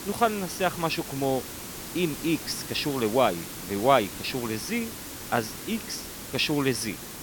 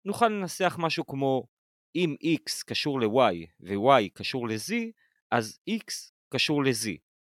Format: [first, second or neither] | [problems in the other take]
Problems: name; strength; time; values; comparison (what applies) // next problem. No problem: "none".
second | hiss; loud; throughout; 9 dB below the speech